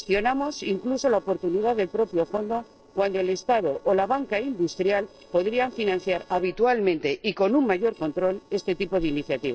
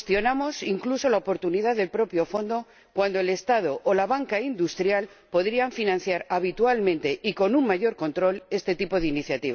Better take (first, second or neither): second